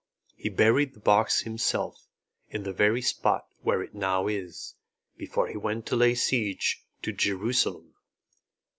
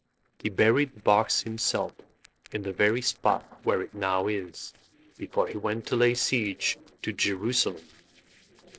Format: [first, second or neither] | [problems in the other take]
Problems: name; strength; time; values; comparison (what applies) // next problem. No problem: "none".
first | noise reduction (neural separator model SepFormer DNS4)